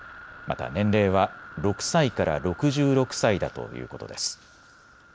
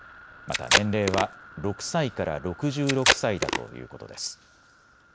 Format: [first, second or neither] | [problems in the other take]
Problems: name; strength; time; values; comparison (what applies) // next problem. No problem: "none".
first | background sound (Packing tape, duct tape); 3 dB above the speech